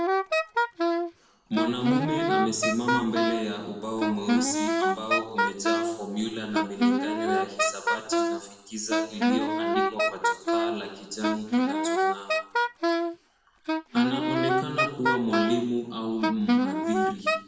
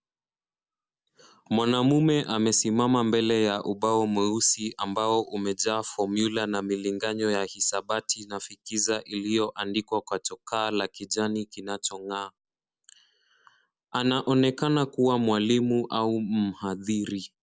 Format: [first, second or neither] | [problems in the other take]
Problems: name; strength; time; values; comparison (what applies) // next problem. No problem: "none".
second | background sound (Wind instrument, woodwind instrument); 5 dB above the speech // room echo; dies away in 1 s